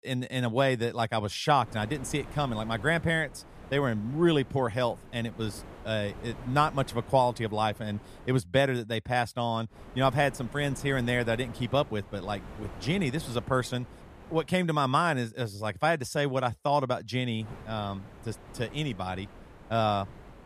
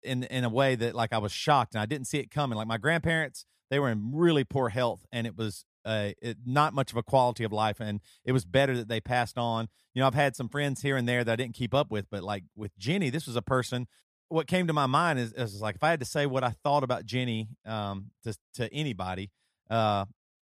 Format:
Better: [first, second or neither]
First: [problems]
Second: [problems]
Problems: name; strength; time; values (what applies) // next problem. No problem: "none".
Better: second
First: wind noise on the microphone; occasional gusts; from 1.5 to 8.5 s, from 10 to 14 s and from 17 s on; 20 dB below the speech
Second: none